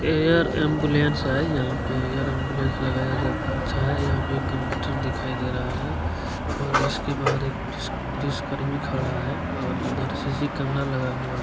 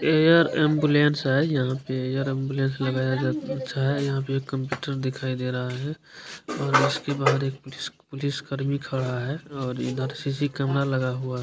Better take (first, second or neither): second